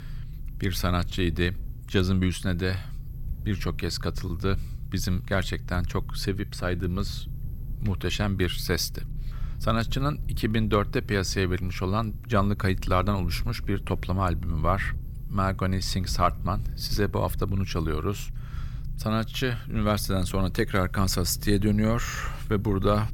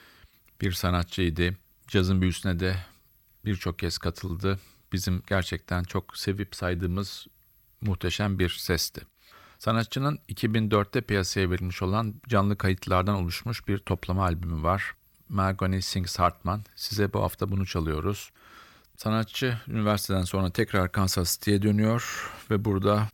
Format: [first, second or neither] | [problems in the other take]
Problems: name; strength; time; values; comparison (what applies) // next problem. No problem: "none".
second | low rumble; faint; throughout; 20 dB below the speech